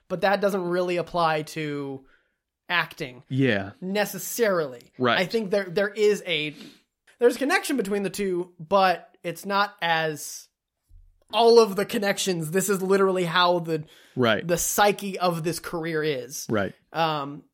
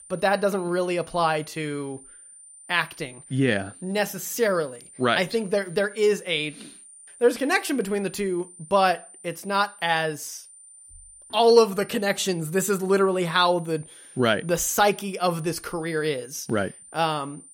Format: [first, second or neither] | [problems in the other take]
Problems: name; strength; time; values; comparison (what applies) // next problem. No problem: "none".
first | high-pitched whine; faint; throughout; 9 kHz, 20 dB below the speech